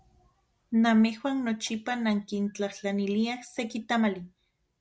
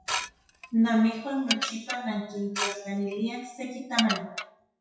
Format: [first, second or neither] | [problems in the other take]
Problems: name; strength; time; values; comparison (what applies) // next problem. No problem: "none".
first | noise reduction (classical method WPE with log-MMSE)